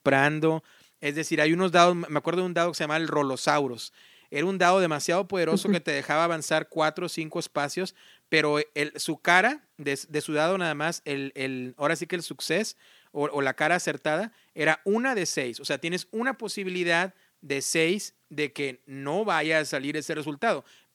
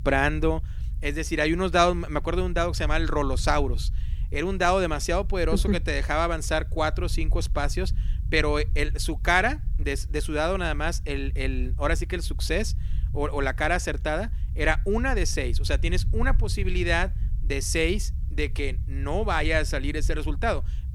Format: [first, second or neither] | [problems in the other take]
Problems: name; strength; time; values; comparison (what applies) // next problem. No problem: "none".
first | low rumble; faint; throughout; 25 dB below the speech